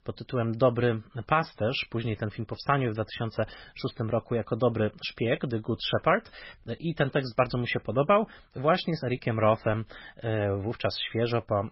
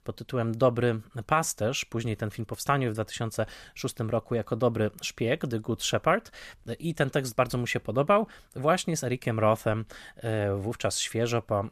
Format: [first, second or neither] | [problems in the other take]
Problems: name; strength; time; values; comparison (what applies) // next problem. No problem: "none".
second | garbled, watery; badly; nothing above 5.5 kHz